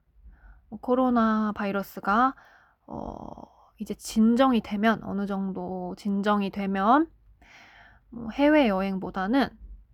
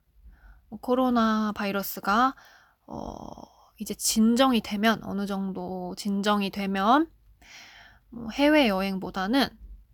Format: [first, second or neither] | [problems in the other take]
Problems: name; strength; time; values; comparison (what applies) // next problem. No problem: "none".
second | muffled; slightly; fading above 3 kHz